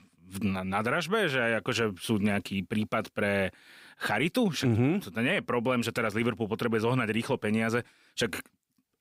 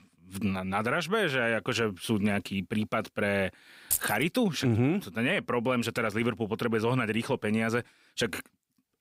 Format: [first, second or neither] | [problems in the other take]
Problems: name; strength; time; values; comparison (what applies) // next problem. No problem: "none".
first | jangling keys; noticeable; at 4 s; peak level with the speech